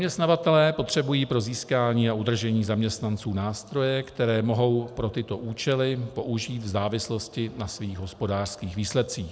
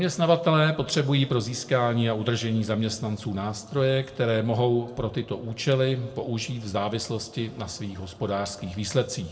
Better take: first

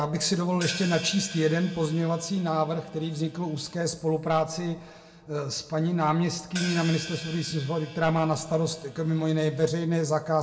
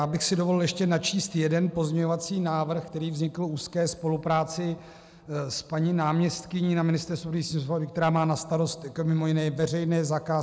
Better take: second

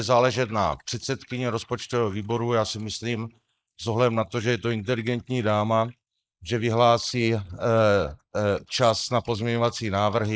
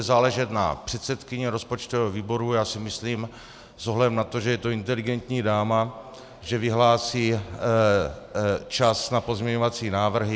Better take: second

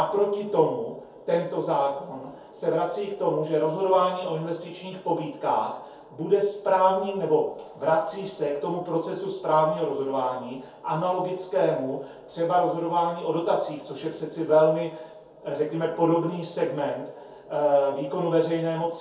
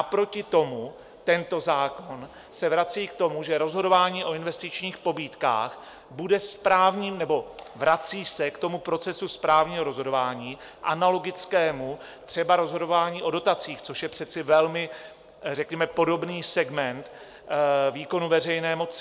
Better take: second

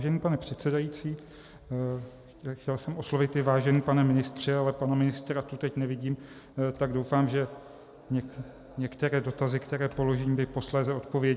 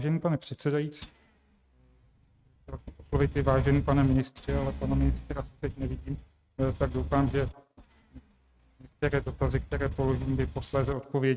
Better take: first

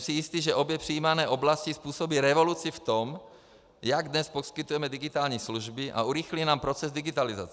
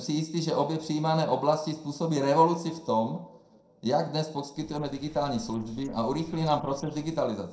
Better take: first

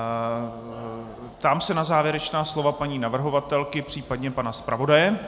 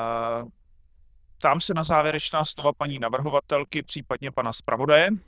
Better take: first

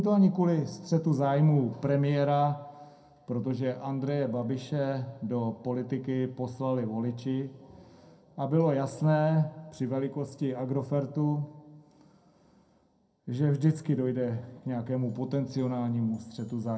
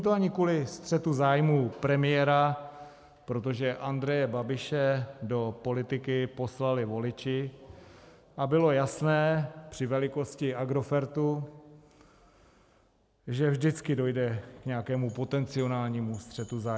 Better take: second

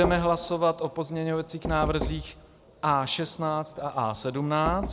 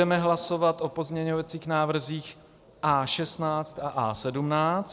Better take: second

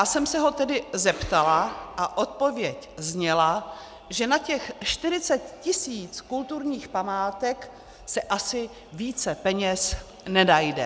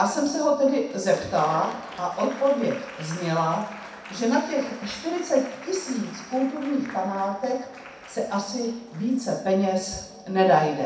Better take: first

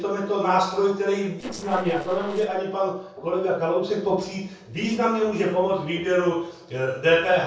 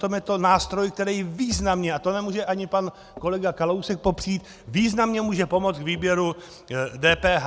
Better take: second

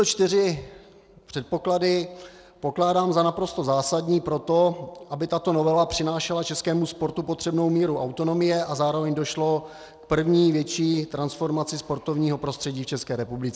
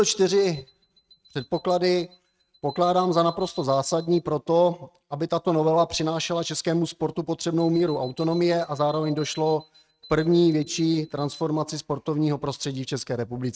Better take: first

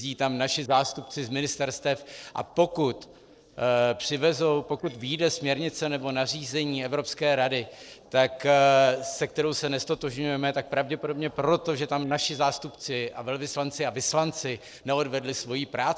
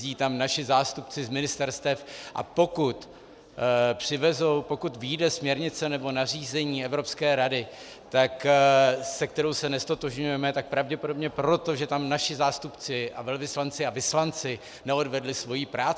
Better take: second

